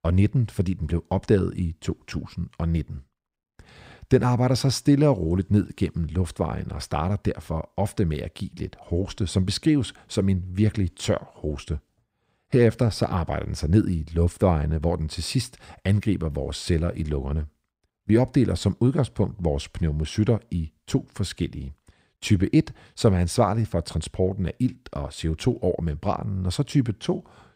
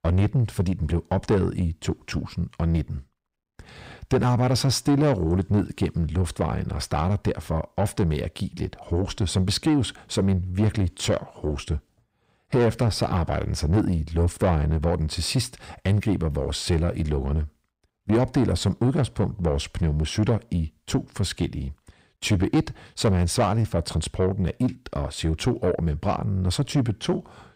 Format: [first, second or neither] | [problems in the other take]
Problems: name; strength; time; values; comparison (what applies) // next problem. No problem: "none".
first | distortion; slight; 10 dB below the speech